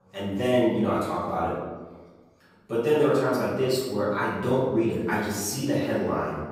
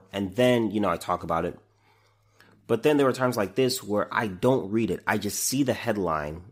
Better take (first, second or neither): second